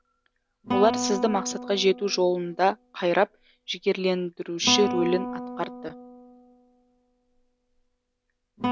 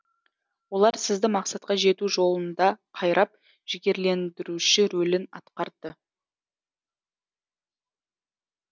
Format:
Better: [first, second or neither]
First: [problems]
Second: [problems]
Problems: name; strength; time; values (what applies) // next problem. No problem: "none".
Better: second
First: background sound (Guitar); 7 dB below the speech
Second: none